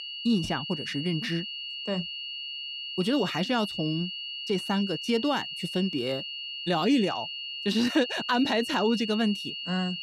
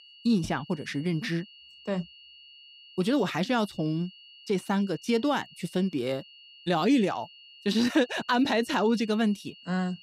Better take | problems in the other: second | high-pitched whine; loud; throughout; 3 kHz, 5 dB below the speech; faint in the second

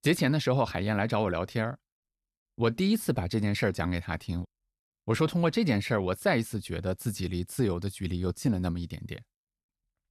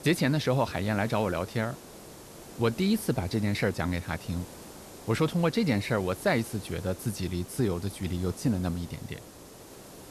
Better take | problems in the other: first | hiss; noticeable; throughout; 15 dB below the speech

